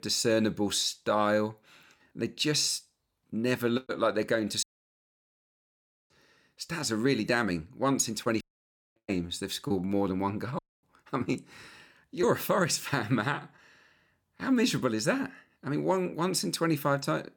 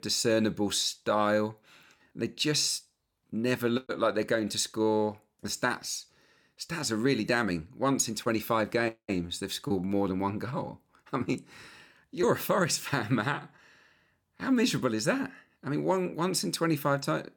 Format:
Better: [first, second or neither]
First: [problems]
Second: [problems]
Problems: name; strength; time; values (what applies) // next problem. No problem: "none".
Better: second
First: audio cutting out; at 4.5 s for 1.5 s, at 8.5 s for 0.5 s and at 11 s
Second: none